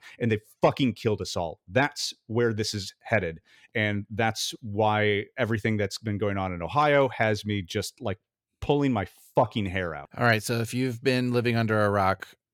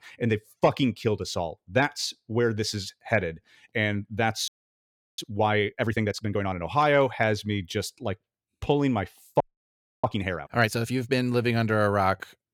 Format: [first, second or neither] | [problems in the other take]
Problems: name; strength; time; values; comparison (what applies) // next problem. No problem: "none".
first | audio freezing; at 4.5 s for 0.5 s and at 9.5 s for 0.5 s